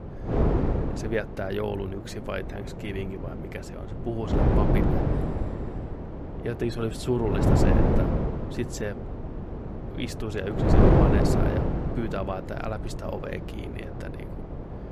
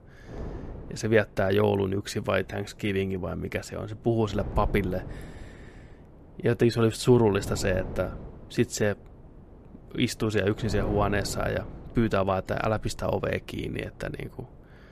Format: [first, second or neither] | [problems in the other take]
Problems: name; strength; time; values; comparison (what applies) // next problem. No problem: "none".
second | wind noise on the microphone; heavy; 3 dB above the speech; occasional gusts in the second